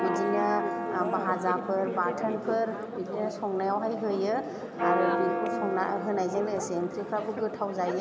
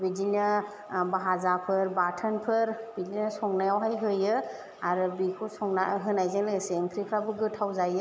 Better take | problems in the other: second | background sound (Church bell); 2 dB below the speech

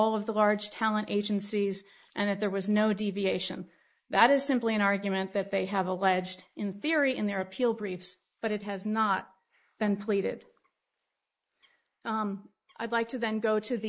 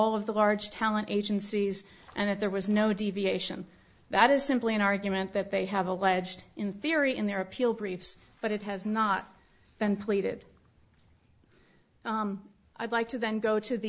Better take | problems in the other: second | noise reduction (neural mask model Resemble Enhance denoiser)

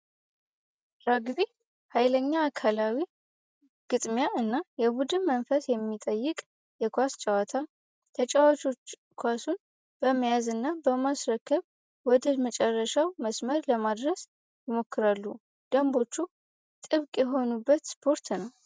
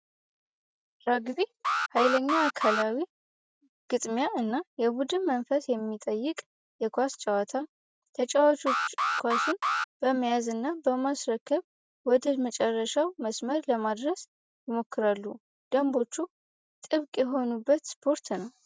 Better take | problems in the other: first | background sound (Alarm); 1 dB below the speech

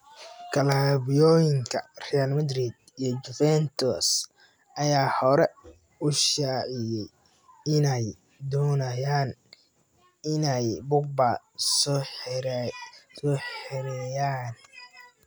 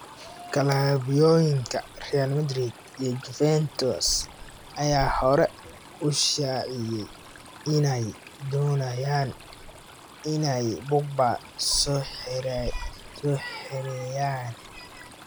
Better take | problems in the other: first | background sound (Stream); 15 dB below the speech

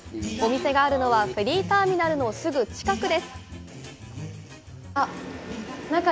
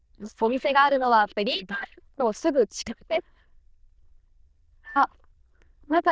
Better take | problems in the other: first | noise reduction (neural diffusion model UNIVERSE++)

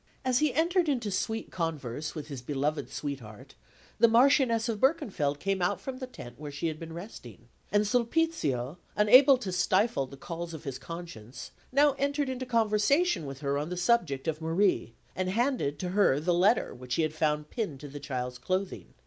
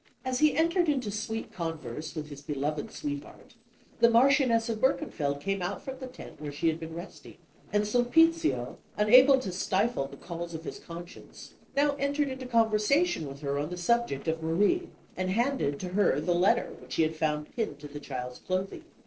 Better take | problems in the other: first | noise reduction (neural separator model SepFormer DNS4)

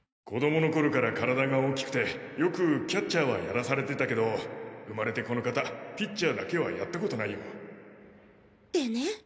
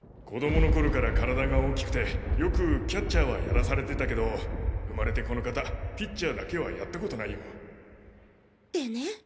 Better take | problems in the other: first | background sound (Thunder); 2 dB above the speech

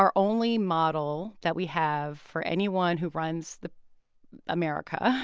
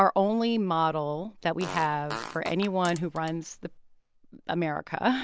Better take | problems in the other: first | background sound (Fart); 13 dB below the speech

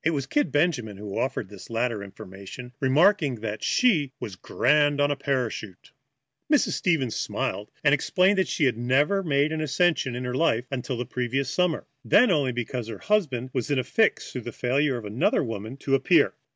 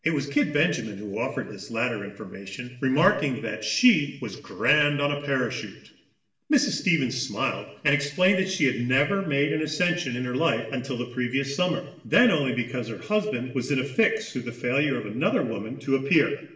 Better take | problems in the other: first | room echo; dies away in 0.8 s

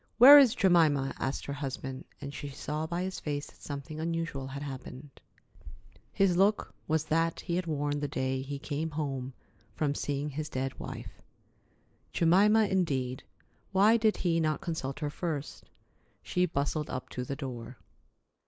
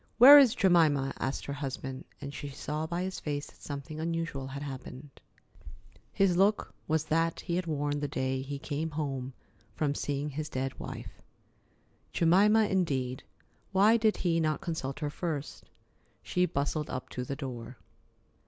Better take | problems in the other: second | noise reduction (neural mask model Resemble Enhance denoiser)

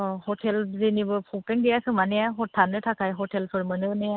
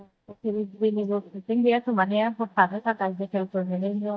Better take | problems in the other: first | noise reduction (neural mask model DeepFilterNet 3)

